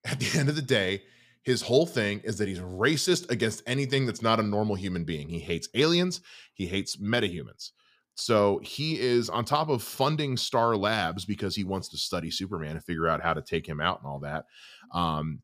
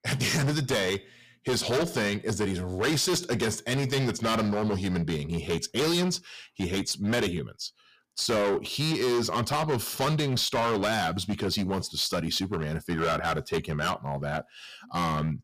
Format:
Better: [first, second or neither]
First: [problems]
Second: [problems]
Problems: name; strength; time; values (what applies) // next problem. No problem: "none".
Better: first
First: none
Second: distortion; heavy; 17% of the sound clipped